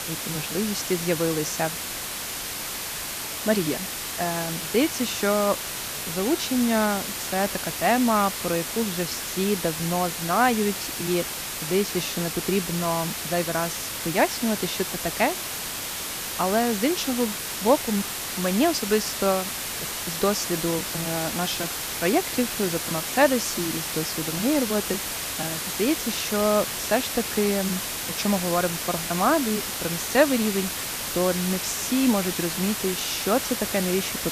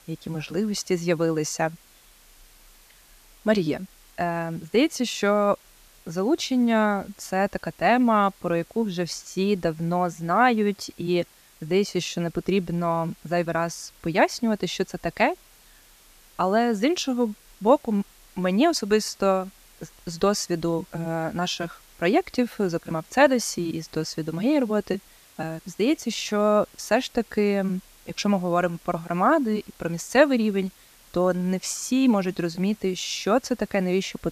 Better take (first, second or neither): second